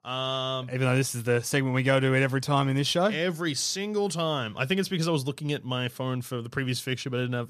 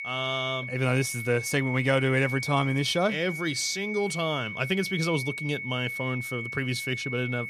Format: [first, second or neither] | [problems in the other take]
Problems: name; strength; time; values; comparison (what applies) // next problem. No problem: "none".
first | high-pitched whine; loud; throughout; 2 kHz, 6 dB below the speech